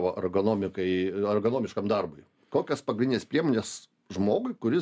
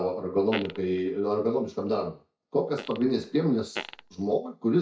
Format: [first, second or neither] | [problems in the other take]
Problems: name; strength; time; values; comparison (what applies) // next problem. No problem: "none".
first | noise reduction (neural mask model DeepFilterNet 3)